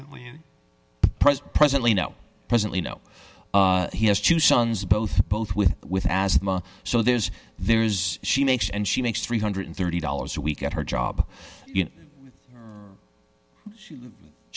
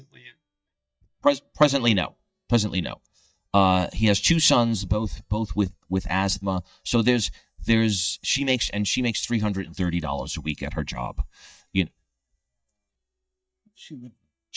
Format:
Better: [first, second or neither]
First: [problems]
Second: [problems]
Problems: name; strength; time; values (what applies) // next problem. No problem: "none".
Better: first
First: none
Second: noise reduction (neural mask model DeepFilterNet 3)